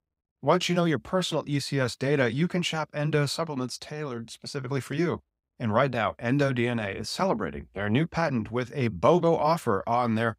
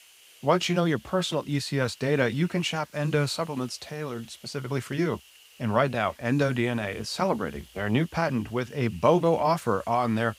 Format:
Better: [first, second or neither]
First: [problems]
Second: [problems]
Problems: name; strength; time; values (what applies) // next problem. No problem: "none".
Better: first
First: none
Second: hiss; faint; throughout; 25 dB below the speech